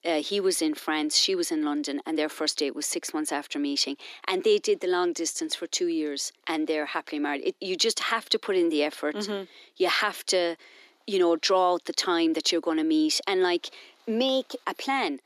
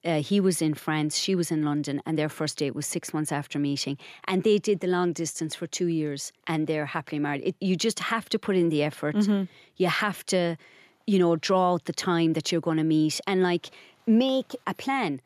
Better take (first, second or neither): second